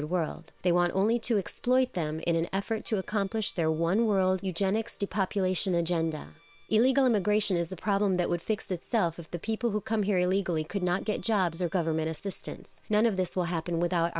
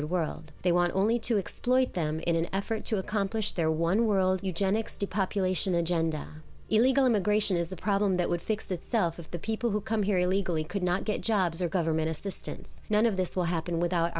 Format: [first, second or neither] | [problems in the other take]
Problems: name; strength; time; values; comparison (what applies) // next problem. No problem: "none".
second | noise reduction (neural separator model SepFormer WHAM!)